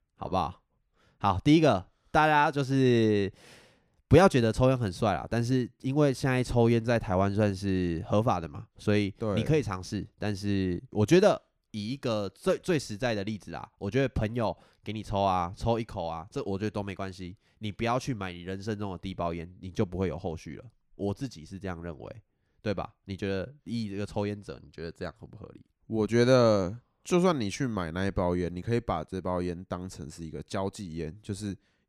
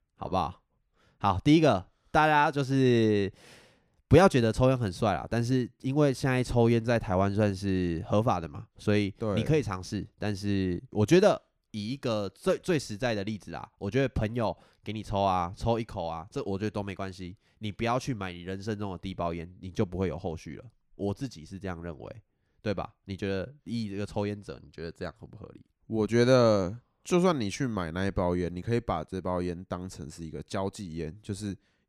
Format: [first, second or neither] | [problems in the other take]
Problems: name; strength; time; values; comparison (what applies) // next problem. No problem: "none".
neither | none